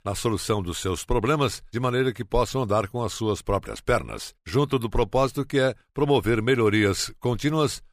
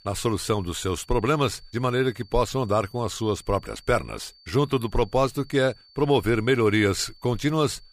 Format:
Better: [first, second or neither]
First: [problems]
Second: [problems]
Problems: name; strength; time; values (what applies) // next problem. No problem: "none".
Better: first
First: none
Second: high-pitched whine; faint; throughout; 4.5 kHz, 25 dB below the speech